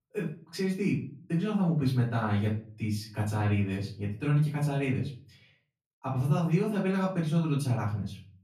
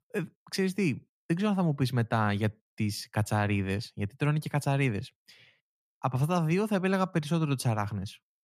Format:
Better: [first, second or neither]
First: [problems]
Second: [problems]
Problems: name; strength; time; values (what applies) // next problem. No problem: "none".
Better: second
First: off-mic speech; far // room echo; slight; dies away in 0.4 s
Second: none